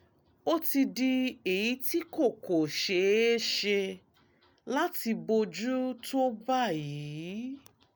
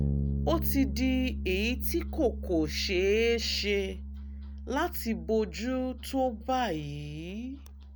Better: first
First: none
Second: background sound (Bass guitar); 5 dB below the speech

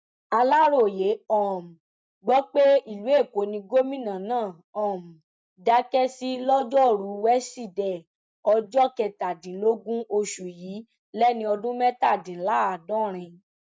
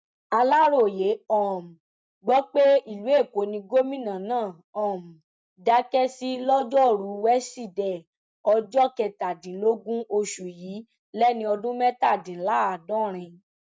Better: second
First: noise reduction (neural mask model Resemble Enhance denoiser)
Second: none

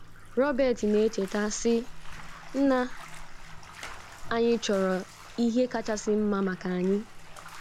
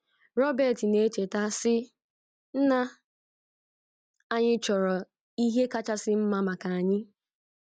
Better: second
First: background sound (Bathtub (filling or washing)); 12 dB below the speech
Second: none

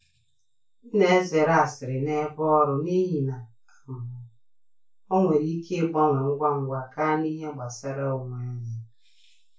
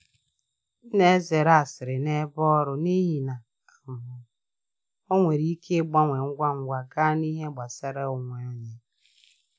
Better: second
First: room echo; dies away in 0.2 s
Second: none

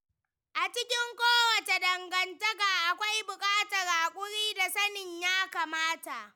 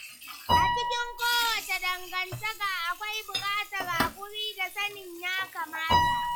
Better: first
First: none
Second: noise reduction (classical method log-MMSE)

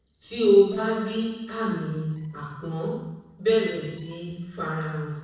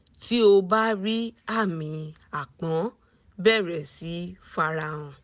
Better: second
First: noise reduction (neural separator model SepFormer DNS4)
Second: none

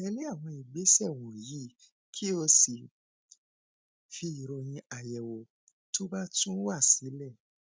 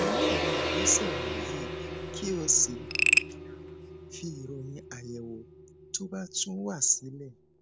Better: first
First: none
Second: background sound (Frog + Gong); 1 dB above the speech

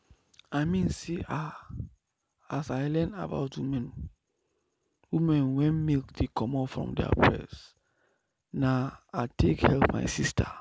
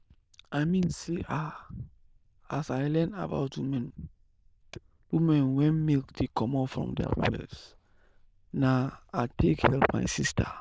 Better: first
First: none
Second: noise reduction (neural diffusion model UNIVERSE++)

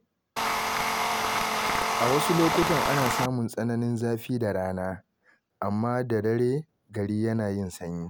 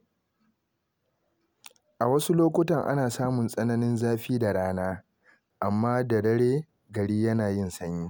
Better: second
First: background sound (Tools); 2 dB above the speech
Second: none

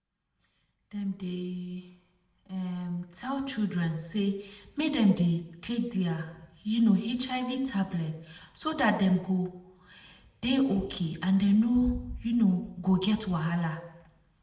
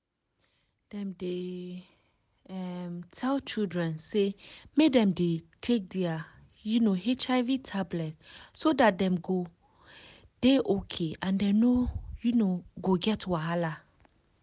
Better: second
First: room echo; dies away in 0.7 s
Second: none

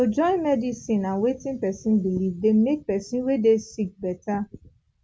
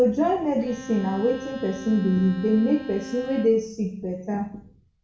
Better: first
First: none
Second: background sound (Bowed string instrument); 14 dB below the speech // room echo; dies away in 0.5 s

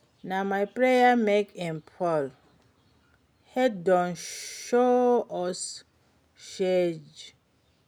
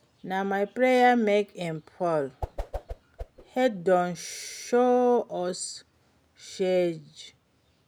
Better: first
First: none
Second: background sound (Whoosh, swoosh, swish); 10 dB below the speech

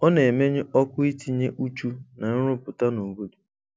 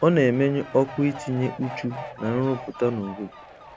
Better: first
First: none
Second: background sound (Fowl); 15 dB below the speech

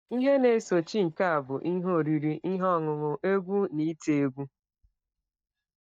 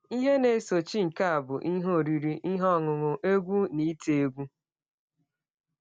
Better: second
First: noise reduction (neural mask model DeepFilterNet 3)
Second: none

